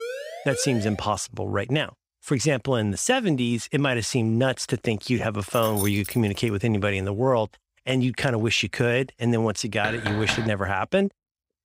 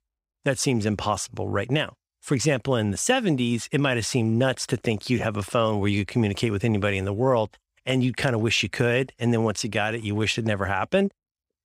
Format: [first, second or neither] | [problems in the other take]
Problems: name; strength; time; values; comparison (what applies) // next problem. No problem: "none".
second | siren; noticeable; at the start; peak 9 dB below the speech // jangling keys; noticeable; at 5.5 s; peak 6 dB below the speech // door banging; noticeable; at 10 s; peak 5 dB below the speech